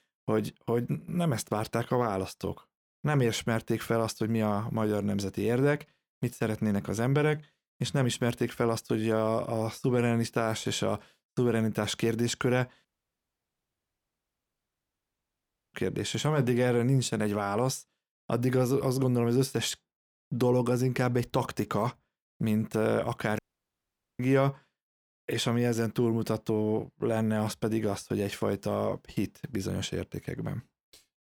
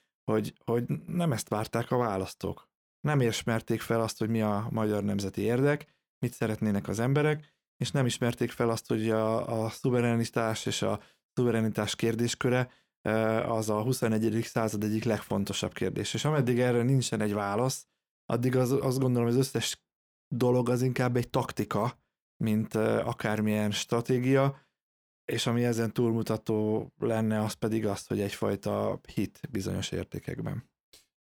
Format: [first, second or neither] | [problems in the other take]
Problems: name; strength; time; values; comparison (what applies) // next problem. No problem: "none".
second | audio cutting out; at 13 s for 3 s and at 23 s for 1 s